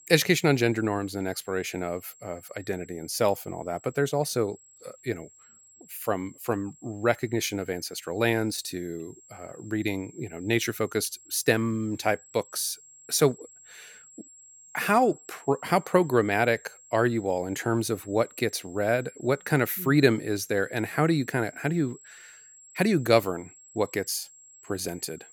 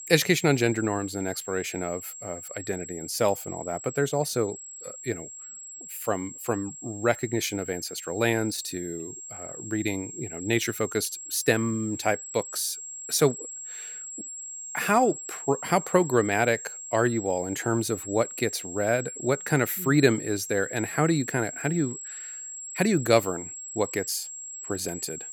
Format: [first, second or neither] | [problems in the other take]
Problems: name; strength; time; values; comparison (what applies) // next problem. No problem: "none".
first | high-pitched whine; loud; throughout; 7.5 kHz, 10 dB below the speech; faint in the first